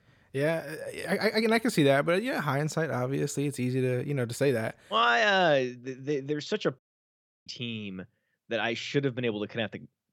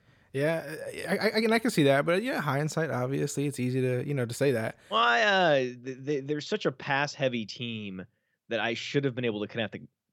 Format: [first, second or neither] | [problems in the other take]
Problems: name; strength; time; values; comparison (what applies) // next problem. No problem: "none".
second | audio cutting out; at 7 s for 0.5 s